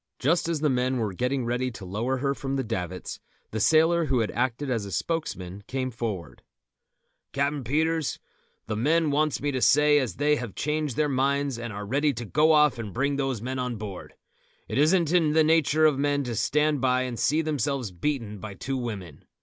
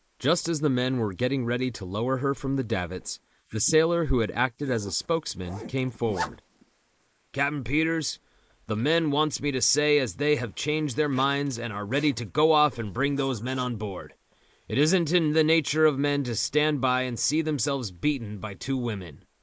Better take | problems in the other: first | noise reduction (neural mask model Resemble Enhance denoiser)

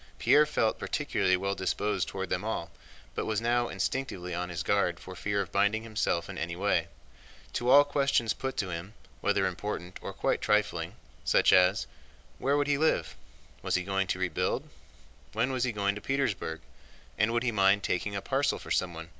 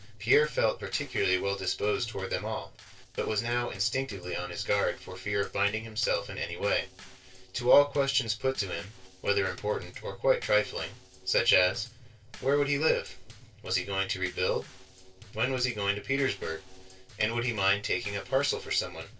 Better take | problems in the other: first | noise reduction (neural separator model SepFormer DNS4)

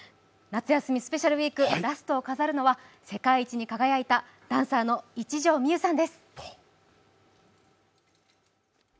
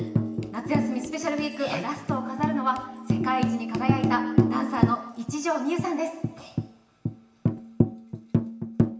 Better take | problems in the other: first | background sound (Tambourine); 3 dB above the speech // room echo; dies away in 1.2 s

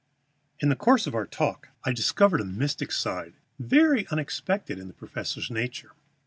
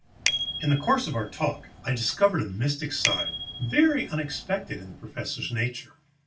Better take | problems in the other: first | background sound (Bicycle bell); 7 dB below the speech // room echo; dies away in 0.2 s

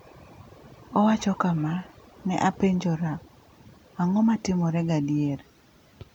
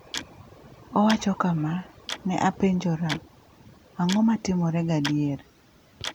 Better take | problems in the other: first | background sound (Tick-tock); 14 dB below the speech

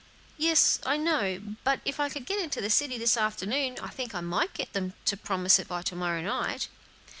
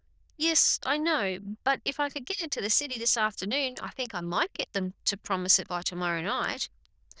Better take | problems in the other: first | noise reduction (neural diffusion model UNIVERSE++)

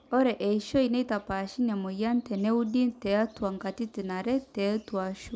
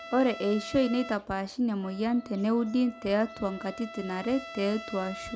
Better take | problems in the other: first | background sound (Trumpet); 15 dB below the speech

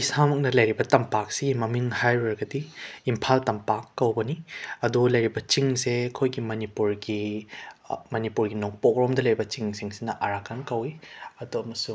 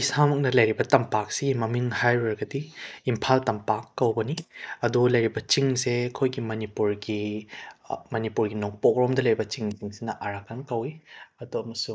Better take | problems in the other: first | noise reduction (neural mask model DeepFilterNet 3)

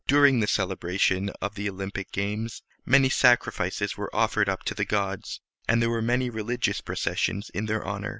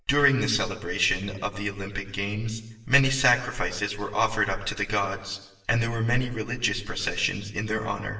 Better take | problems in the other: first | room echo; dies away in 1 s

